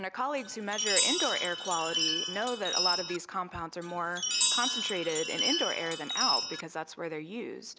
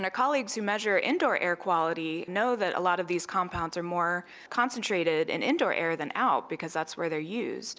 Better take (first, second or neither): second